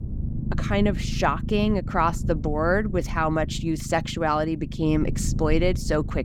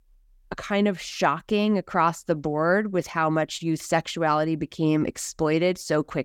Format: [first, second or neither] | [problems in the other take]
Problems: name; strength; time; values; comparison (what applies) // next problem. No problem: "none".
second | low rumble; noticeable; throughout; 15 dB below the speech